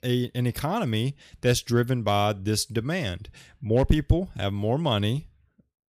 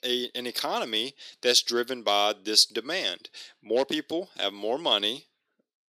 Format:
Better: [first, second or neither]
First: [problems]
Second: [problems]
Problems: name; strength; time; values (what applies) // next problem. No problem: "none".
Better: first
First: none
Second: thin; very; fading below 300 Hz